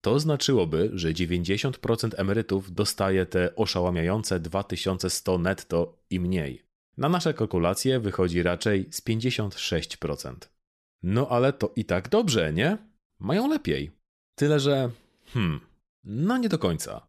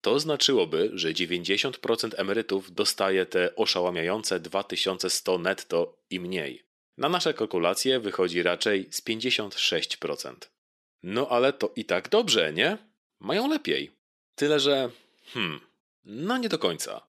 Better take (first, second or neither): first